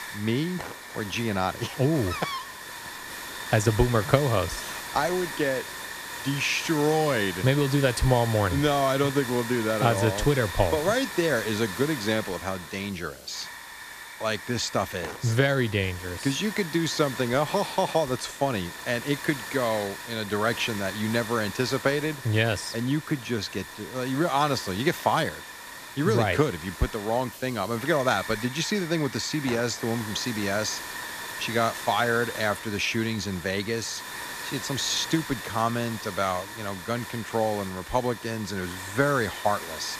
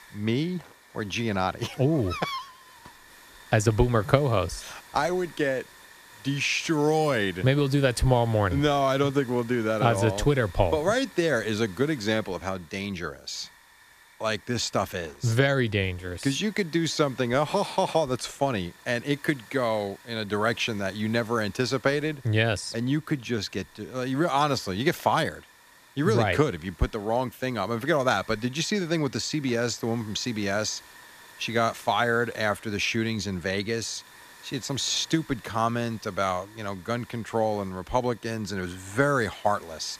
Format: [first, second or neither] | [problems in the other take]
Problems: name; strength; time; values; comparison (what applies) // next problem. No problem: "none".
second | hiss; loud; throughout; 9 dB below the speech; faint in the second